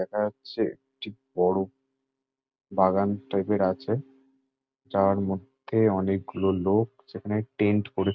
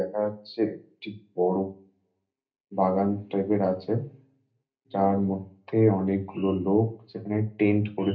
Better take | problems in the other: first | room echo; dies away in 0.3 s

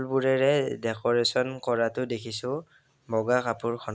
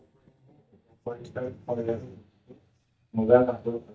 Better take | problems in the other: first | noise reduction (neural mask model DeepFilterNet 3)

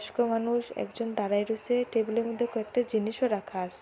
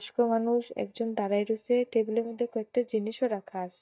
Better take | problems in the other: first | noise reduction (neural mask model DeepFilterNet 3)

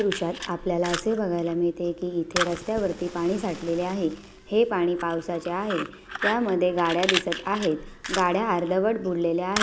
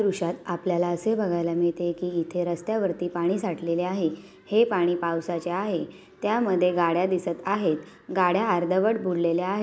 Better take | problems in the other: second | background sound (Fire); 9 dB below the speech

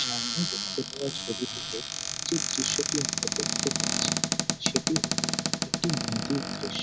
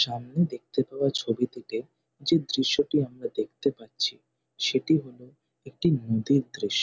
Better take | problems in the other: second | background sound (Cupboard open or close); 5 dB above the speech

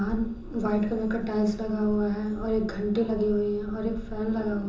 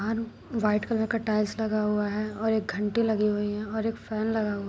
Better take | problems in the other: second | background sound (Wind); 13 dB below the speech // room echo; dies away in 0.6 s

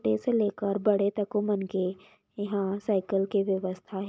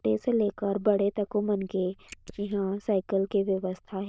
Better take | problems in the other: first | noise reduction (neural diffusion model UNIVERSE++)

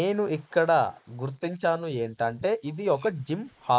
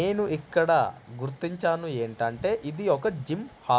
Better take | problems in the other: second | noise reduction (neural mask model Resemble Enhance denoiser)

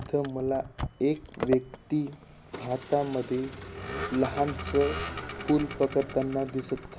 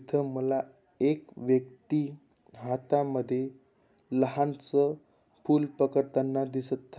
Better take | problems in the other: second | background sound (Vehicle); 9 dB below the speech

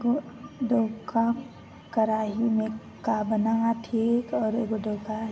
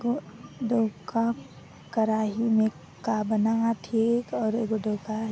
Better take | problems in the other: second | room echo; dies away in 1.2 s

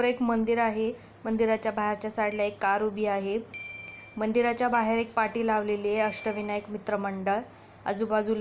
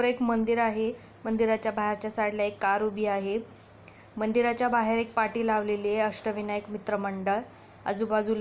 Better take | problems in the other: second | background sound (Keyboard (musical)); 19 dB below the speech

